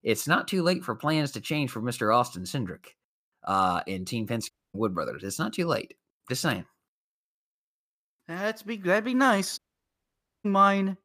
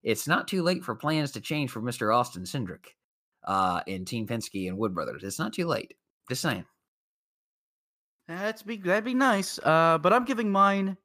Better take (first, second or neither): second